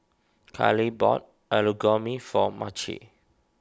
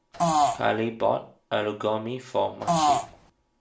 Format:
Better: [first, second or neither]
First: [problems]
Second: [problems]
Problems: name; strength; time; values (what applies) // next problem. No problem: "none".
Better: first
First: none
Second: background sound (Fart); 5 dB above the speech // room echo; dies away in 0.4 s